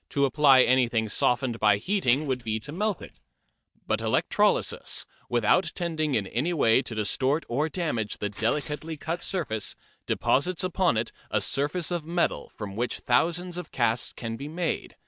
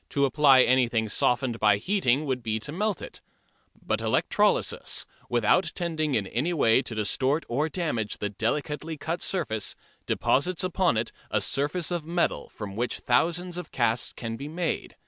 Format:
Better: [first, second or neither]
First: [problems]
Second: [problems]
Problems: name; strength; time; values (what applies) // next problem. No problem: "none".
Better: second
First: noise reduction (neural mask model DeepFilterNet 3)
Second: none